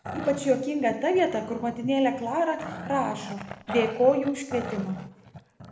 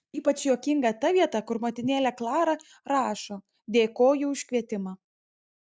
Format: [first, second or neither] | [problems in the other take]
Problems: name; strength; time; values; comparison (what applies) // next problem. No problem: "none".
second | background sound (Growling); 12 dB below the speech // room echo; dies away in 0.9 s